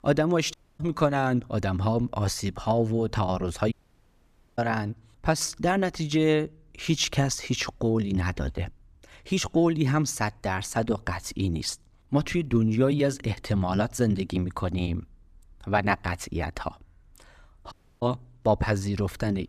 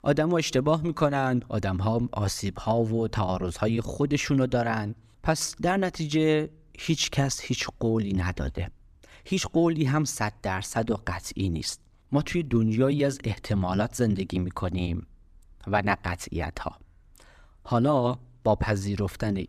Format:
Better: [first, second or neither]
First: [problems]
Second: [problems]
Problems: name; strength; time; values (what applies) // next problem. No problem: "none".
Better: second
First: audio cutting out; at 0.5 s, at 3.5 s for 1 s and at 18 s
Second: none